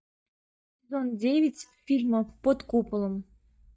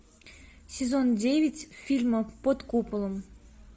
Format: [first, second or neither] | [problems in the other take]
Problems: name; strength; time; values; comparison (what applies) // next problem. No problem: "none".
second | noise reduction (neural mask model DeepFilterNet 3)